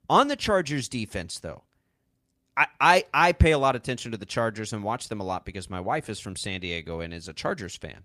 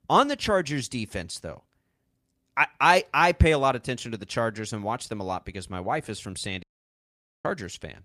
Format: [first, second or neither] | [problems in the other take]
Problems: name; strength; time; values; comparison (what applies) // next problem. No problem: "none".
first | audio cutting out; at 6.5 s for 1 s